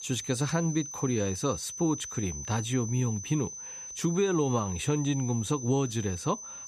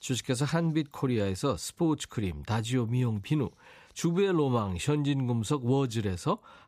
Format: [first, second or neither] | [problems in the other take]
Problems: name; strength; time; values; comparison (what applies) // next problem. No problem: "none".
second | high-pitched whine; loud; throughout; 6 kHz, 8 dB below the speech